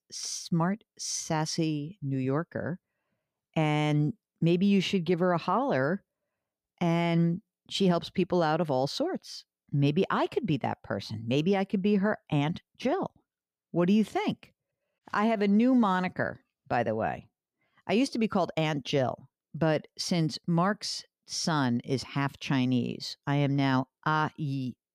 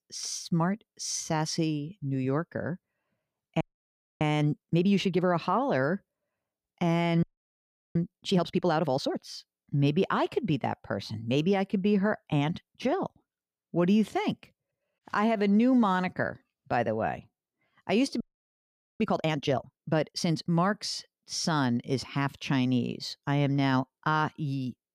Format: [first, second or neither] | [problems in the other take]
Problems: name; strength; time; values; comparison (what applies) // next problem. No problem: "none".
first | audio freezing; at 3.5 s for 0.5 s, at 7 s for 0.5 s and at 18 s for 1 s